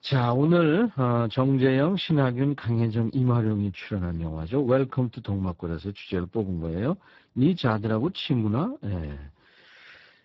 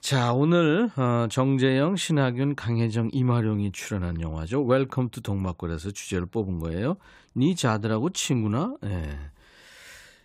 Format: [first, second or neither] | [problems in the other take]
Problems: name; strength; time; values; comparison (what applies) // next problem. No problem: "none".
second | garbled, watery; badly